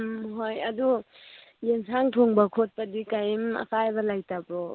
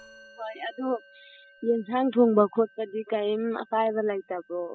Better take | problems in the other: first | noise reduction (classical method spectral subtraction)

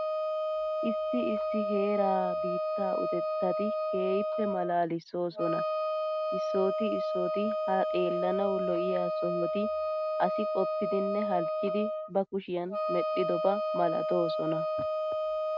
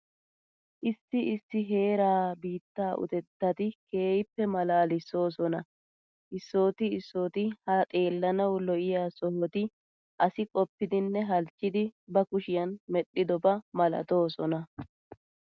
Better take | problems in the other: second | background sound (Wind instrument, woodwind instrument); 2 dB above the speech

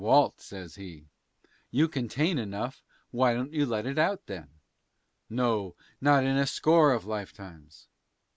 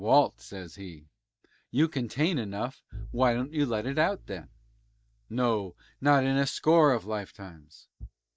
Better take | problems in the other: first | noise reduction (neural mask model DeepFilterNet 3)

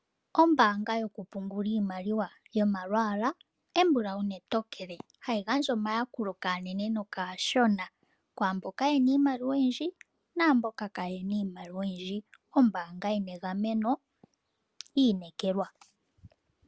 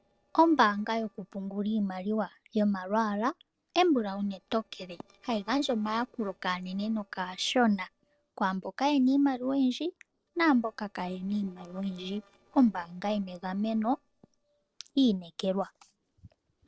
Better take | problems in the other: first | noise reduction (neural separator model SepFormer DNS4)

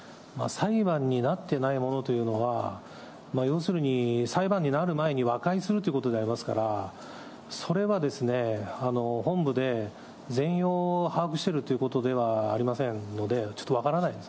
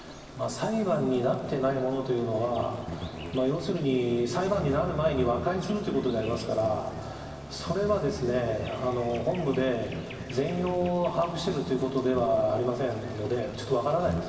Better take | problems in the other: first | background sound (Insect); 12 dB below the speech // room echo; dies away in 2.6 s

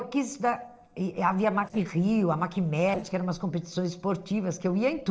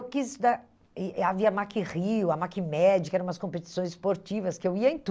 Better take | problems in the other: second | noise reduction (neural separator model SepFormer DNS4)

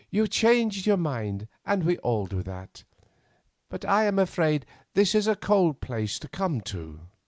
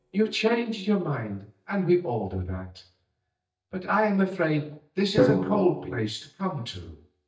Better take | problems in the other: first | noise reduction (neural mask model DeepFilterNet 3)

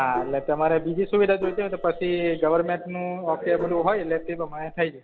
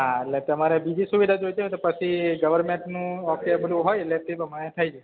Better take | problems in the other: second | background sound (Gong); 13 dB below the speech

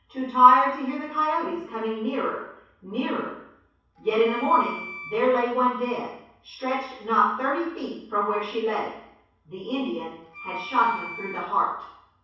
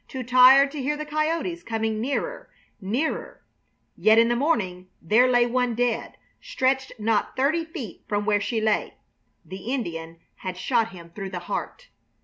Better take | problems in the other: second | background sound (Wind instrument, woodwind instrument); 14 dB below the speech // room echo; dies away in 0.7 s

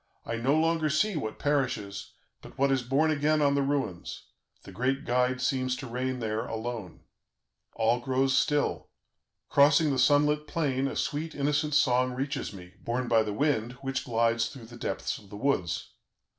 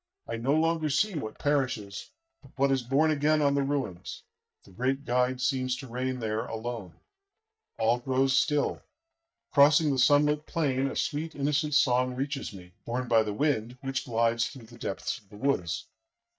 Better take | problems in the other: first | noise reduction (neural mask model DeepFilterNet 3)

